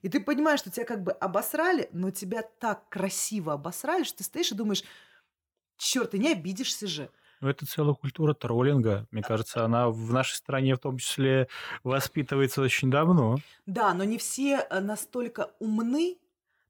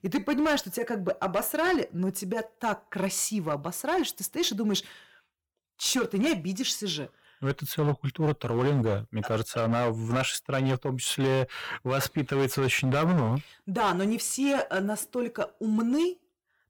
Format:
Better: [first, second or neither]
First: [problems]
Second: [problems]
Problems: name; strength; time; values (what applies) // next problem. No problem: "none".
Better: first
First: none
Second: distortion; slight; 8% of the sound clipped